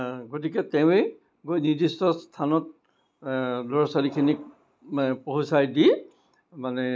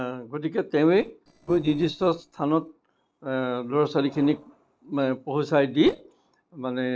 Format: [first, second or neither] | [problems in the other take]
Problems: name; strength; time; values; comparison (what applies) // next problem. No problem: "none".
first | noise reduction (neural separator model SepFormer DNS4)